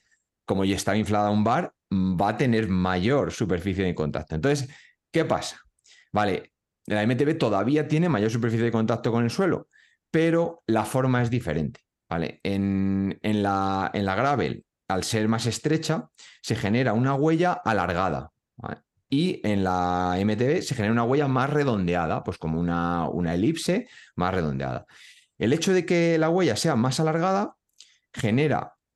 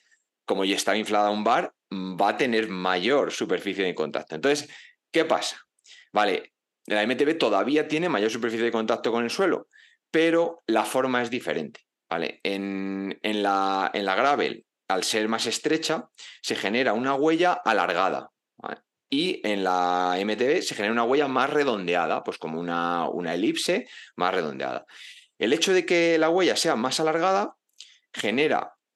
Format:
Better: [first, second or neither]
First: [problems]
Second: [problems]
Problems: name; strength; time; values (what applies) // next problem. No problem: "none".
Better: first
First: none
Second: thin; somewhat; fading below 300 Hz